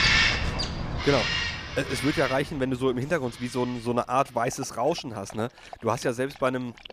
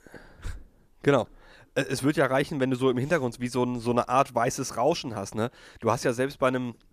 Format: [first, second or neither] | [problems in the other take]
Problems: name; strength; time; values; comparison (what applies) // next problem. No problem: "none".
second | animal sounds; very loud; throughout; 1 dB above the speech